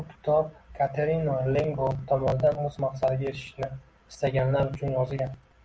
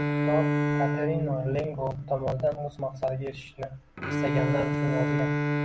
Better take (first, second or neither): first